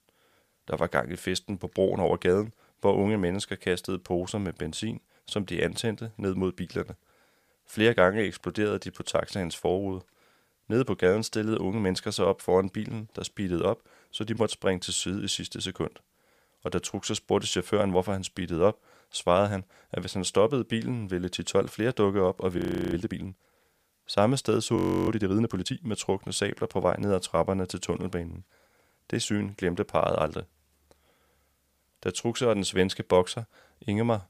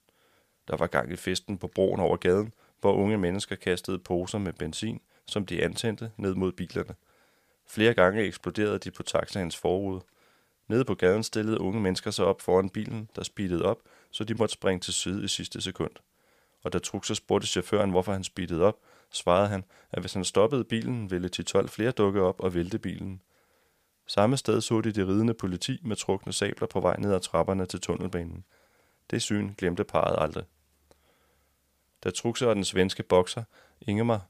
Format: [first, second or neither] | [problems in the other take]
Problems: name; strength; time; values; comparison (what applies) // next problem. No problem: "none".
second | audio freezing; at 23 s and at 25 s